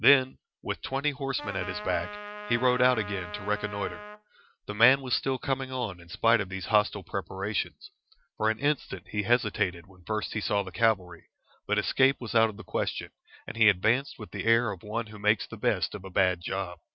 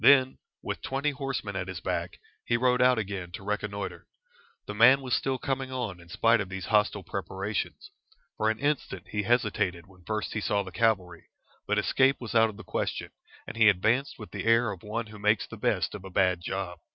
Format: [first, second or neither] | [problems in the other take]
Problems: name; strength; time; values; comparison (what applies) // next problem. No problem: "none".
second | background sound (Trumpet); 11 dB below the speech